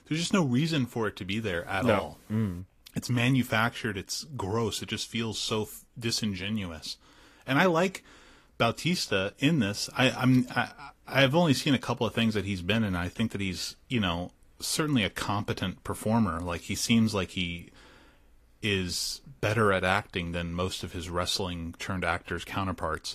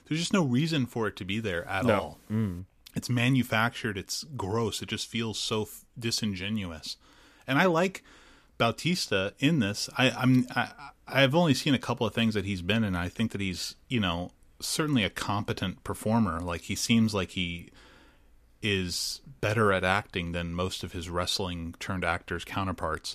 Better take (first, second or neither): second